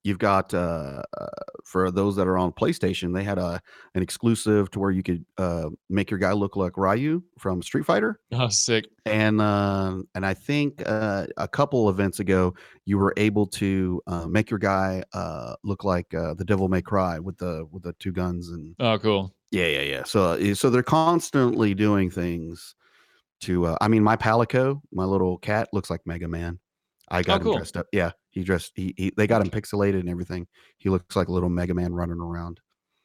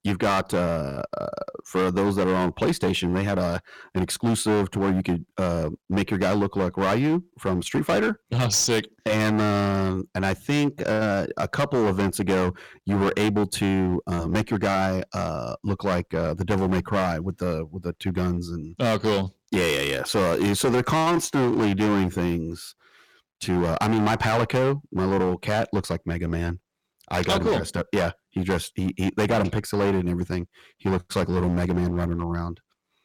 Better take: first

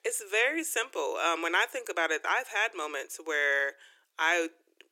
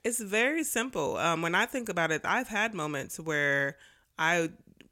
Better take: second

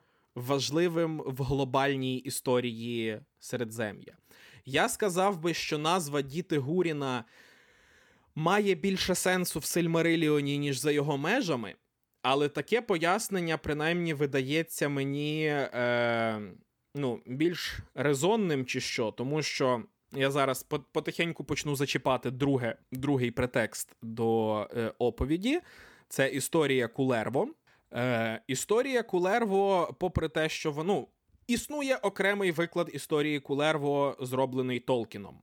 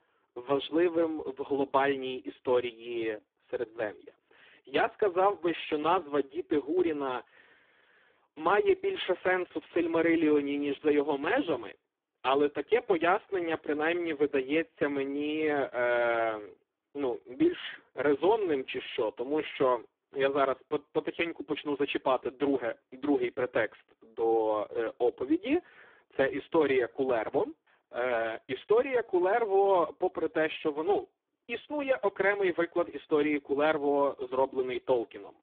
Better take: first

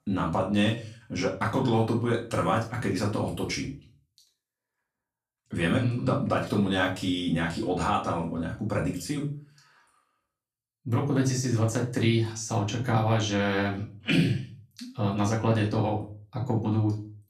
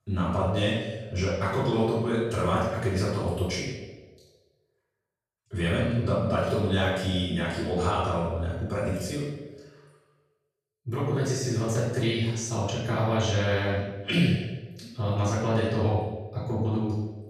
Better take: first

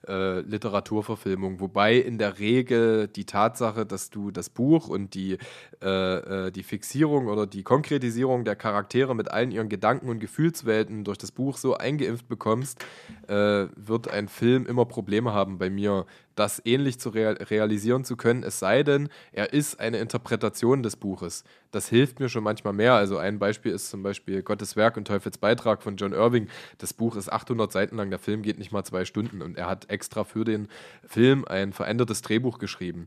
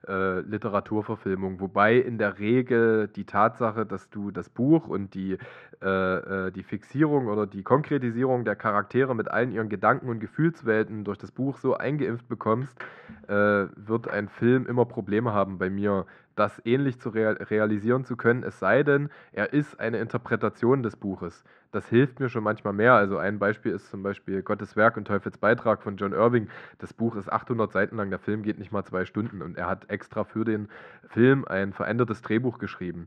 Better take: first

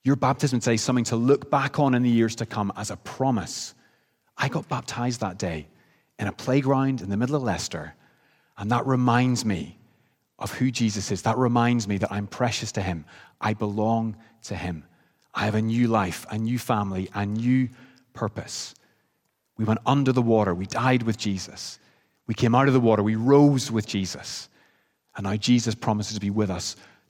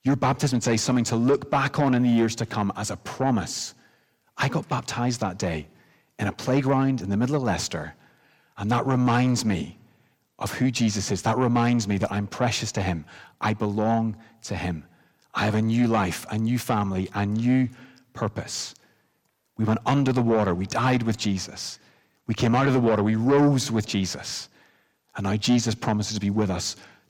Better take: first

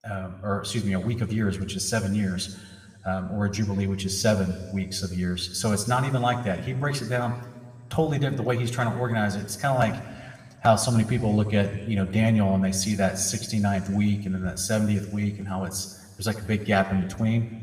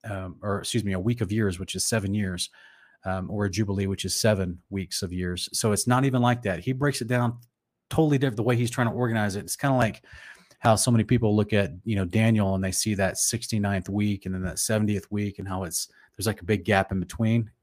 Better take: second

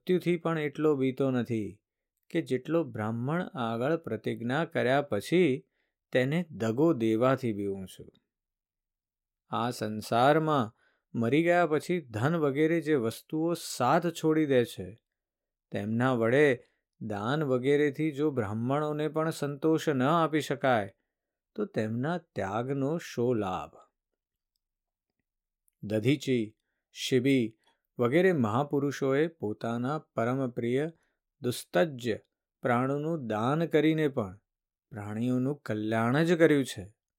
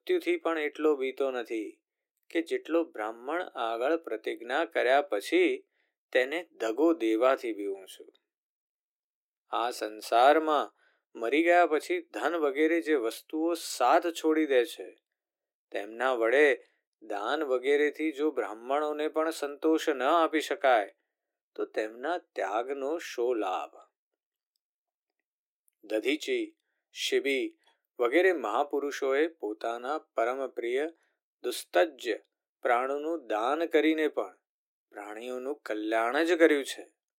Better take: first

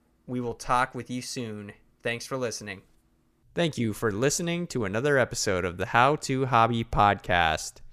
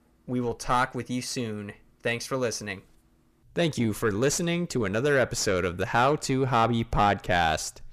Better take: first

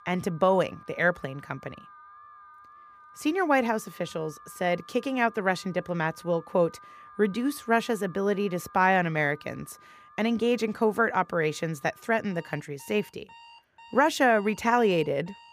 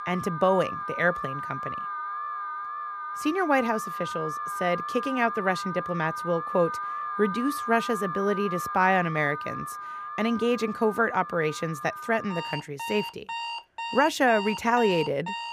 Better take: first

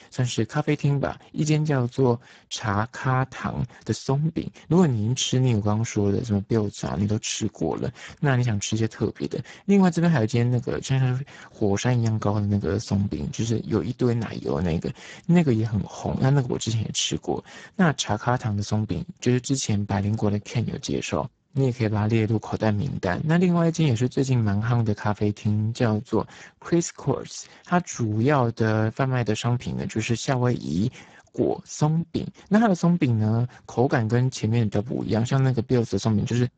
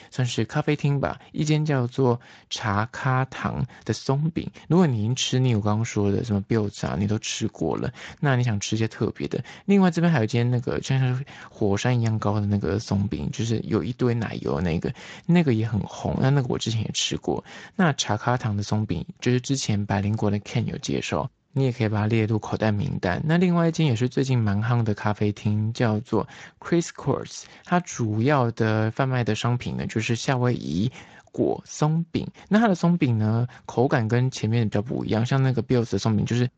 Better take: second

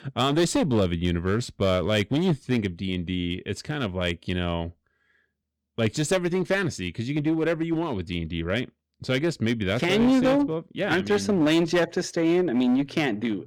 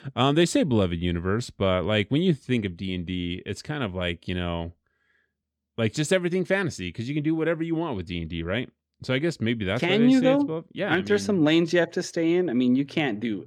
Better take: second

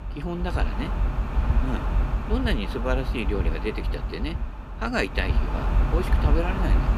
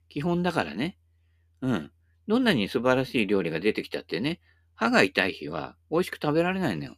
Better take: second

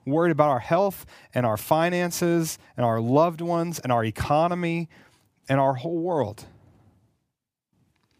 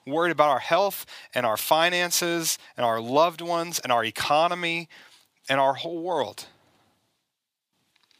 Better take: first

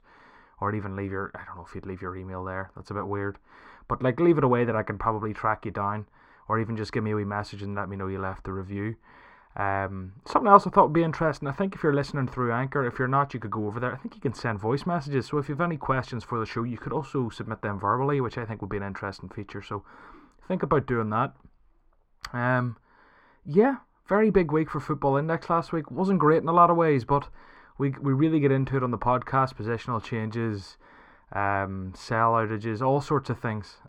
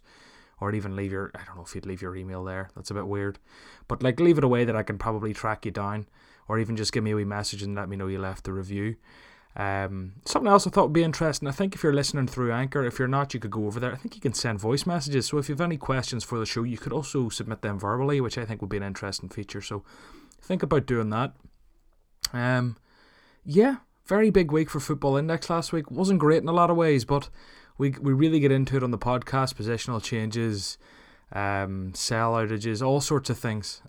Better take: second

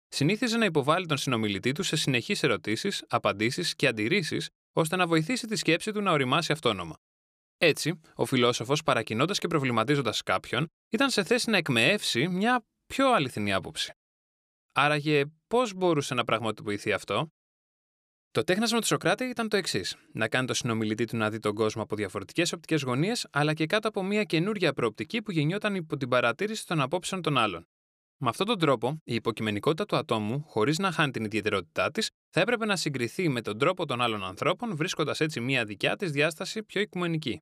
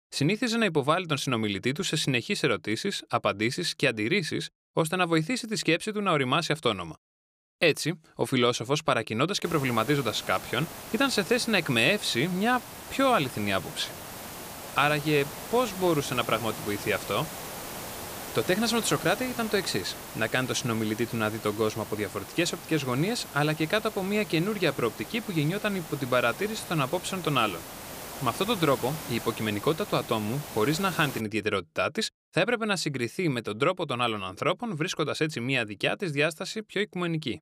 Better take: first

